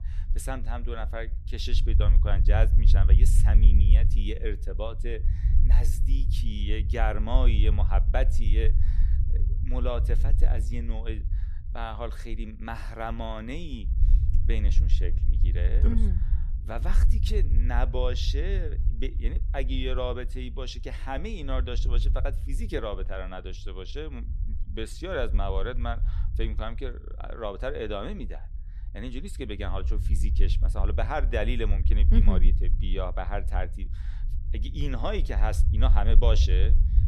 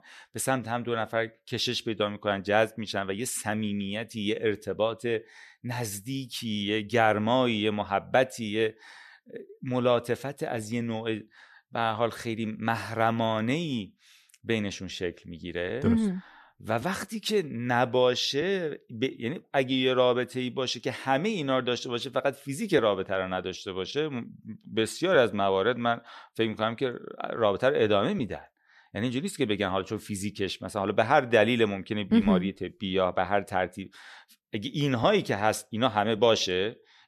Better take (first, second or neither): second